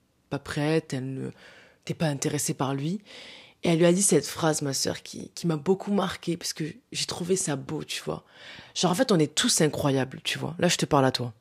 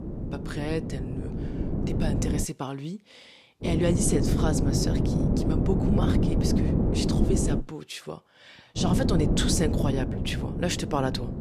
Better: first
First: none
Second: wind noise on the microphone; heavy; until 2.5 s, from 3.5 to 7.5 s and from 9 s on; 1 dB below the speech

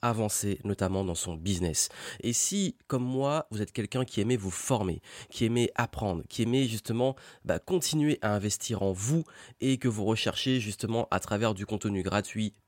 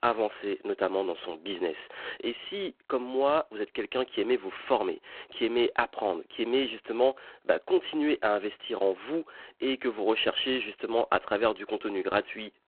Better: first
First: none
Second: phone-call audio; poor line

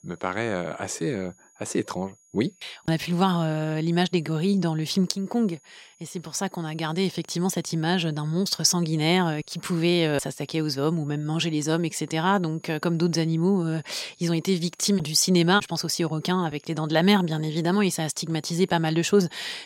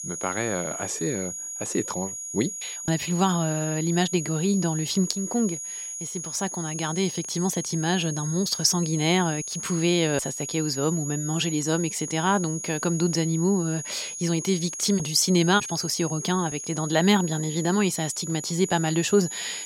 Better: first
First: high-pitched whine; faint; throughout; 6.5 kHz, 30 dB below the speech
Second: high-pitched whine; loud; throughout; 6.5 kHz, 7 dB below the speech

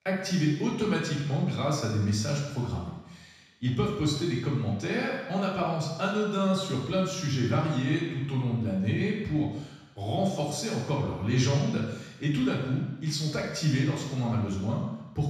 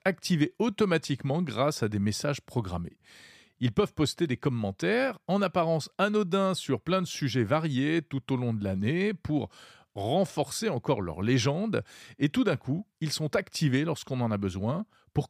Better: second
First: room echo; noticeable; dies away in 1.1 s // off-mic speech; far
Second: none

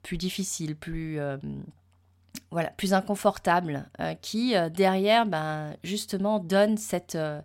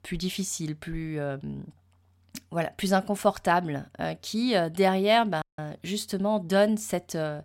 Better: first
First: none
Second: audio cutting out; at 5.5 s

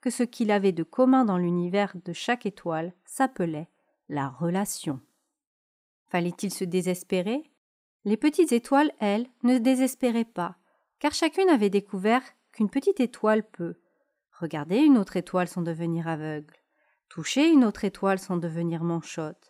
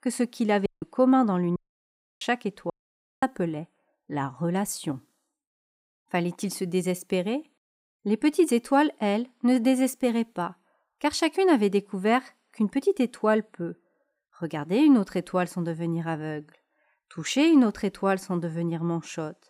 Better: first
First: none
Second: audio cutting out; at 0.5 s, at 1.5 s for 0.5 s and at 2.5 s for 0.5 s

